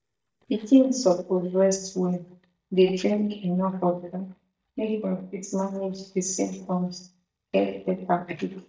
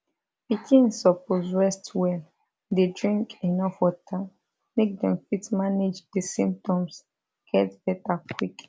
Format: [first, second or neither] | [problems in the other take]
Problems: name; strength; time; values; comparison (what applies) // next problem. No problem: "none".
second | noise reduction (neural mask model DeepFilterNet 3)